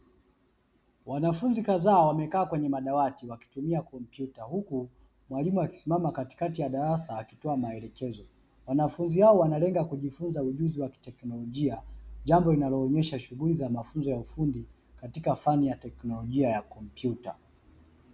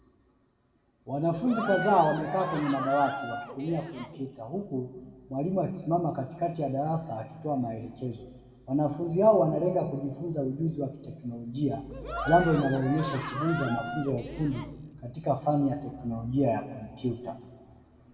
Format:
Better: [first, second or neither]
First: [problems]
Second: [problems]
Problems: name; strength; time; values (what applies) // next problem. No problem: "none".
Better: first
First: none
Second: background sound (Cheering); 7 dB below the speech // room echo; dies away in 1.4 s